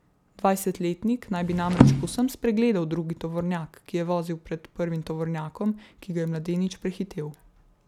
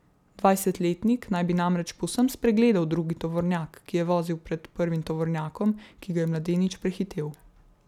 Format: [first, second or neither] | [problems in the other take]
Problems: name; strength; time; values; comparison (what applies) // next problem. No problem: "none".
second | background sound (Percussion); 5 dB above the speech